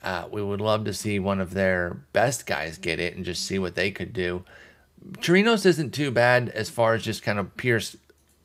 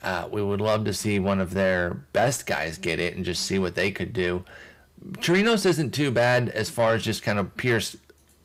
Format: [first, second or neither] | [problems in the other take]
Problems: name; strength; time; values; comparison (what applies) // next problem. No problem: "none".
first | distortion; slight; 10 dB below the speech